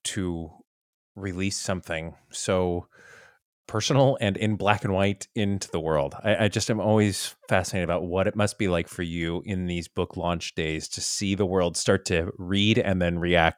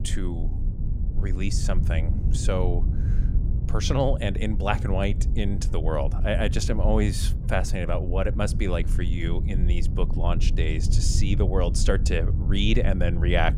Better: first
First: none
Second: low rumble; noticeable; throughout; 10 dB below the speech

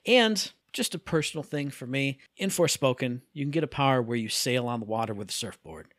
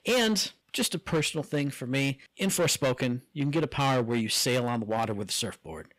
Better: first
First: none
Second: distortion; heavy; 10% of the sound clipped

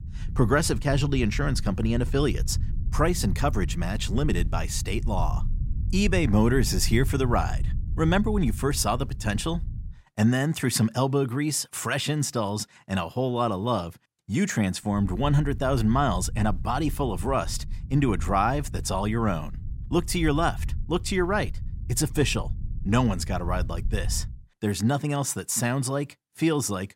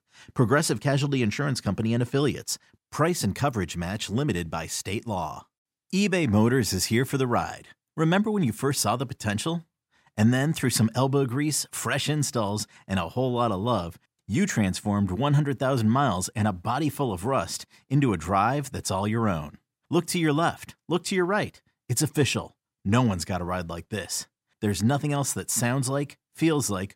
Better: second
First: low rumble; faint; until 10 s and from 15 to 24 s; 20 dB below the speech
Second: none

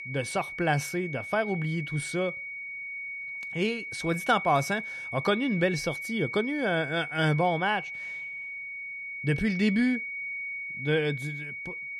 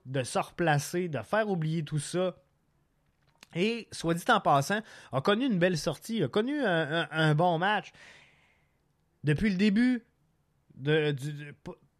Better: second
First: high-pitched whine; loud; throughout; 2 kHz, 6 dB below the speech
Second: none

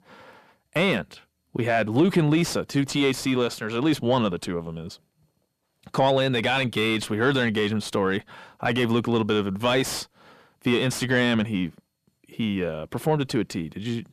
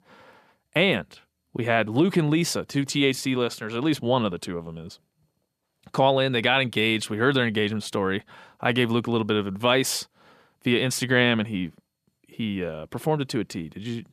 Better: second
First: distortion; slight; 10 dB below the speech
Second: none

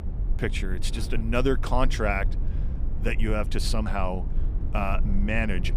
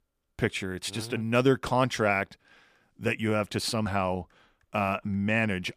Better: second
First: low rumble; noticeable; throughout; 15 dB below the speech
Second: none

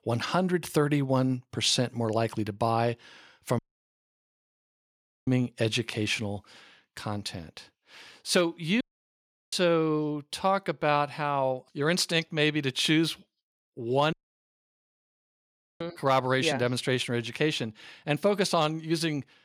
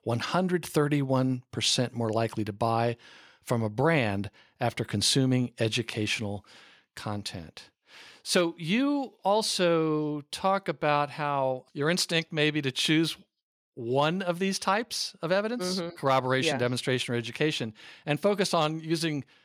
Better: second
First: audio cutting out; at 3.5 s for 1.5 s, at 9 s for 0.5 s and at 14 s for 1.5 s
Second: none

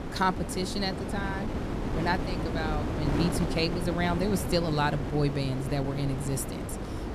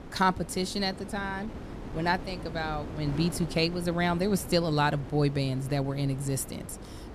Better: second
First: wind noise on the microphone; heavy; 5 dB below the speech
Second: wind noise on the microphone; occasional gusts; 15 dB below the speech

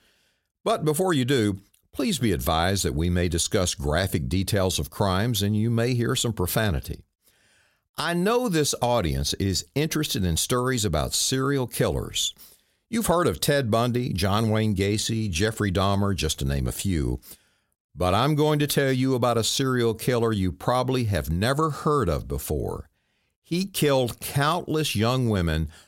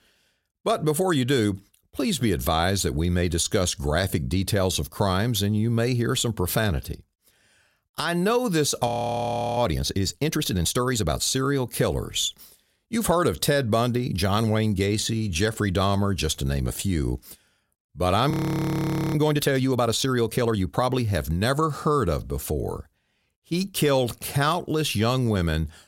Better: first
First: none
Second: audio freezing; at 9 s for 0.5 s and at 18 s for 1 s

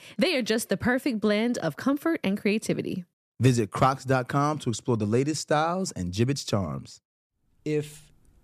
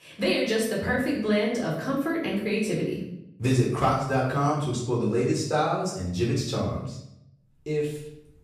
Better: first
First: none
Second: off-mic speech; far // room echo; noticeable; dies away in 0.6 s

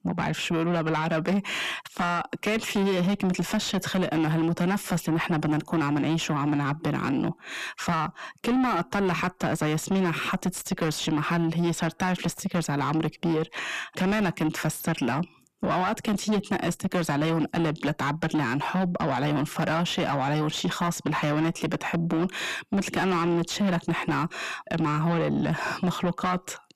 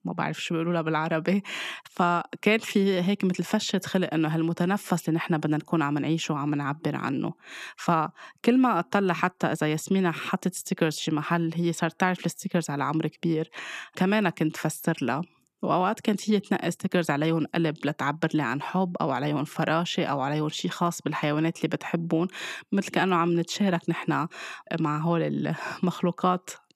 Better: second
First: distortion; heavy; 7 dB below the speech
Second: none

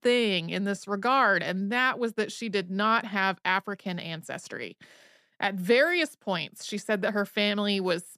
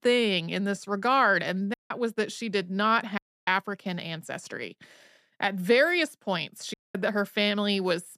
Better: first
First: none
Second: audio cutting out; at 1.5 s, at 3 s and at 6.5 s

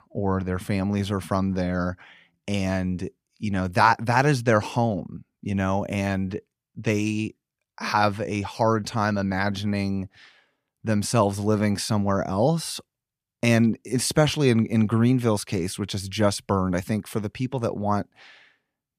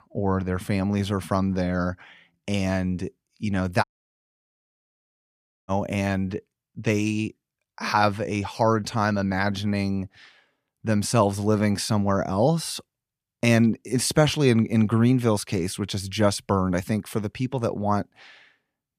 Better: first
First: none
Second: audio cutting out; at 4 s for 2 s

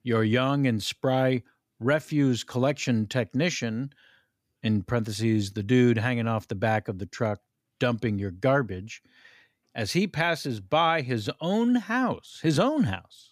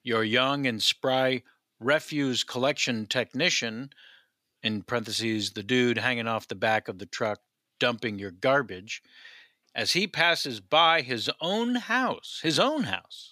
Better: first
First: none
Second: thin; very slightly; fading below 950 Hz

